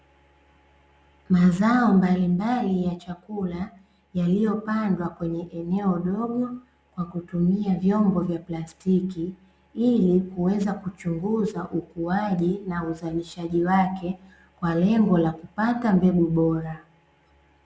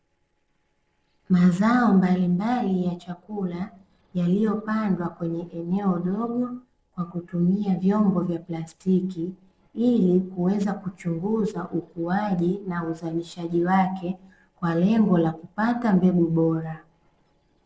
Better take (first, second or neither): first